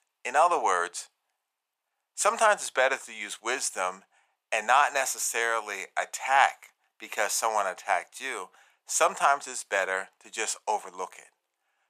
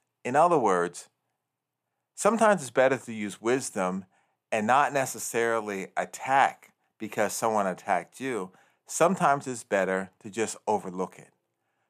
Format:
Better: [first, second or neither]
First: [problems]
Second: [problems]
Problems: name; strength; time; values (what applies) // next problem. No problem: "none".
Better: second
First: thin; very; fading below 750 Hz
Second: none